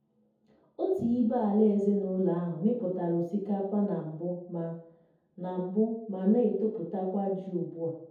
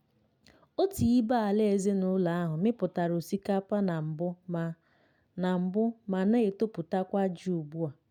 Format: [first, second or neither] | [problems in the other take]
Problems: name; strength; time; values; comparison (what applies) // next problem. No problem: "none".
second | room echo; dies away in 0.7 s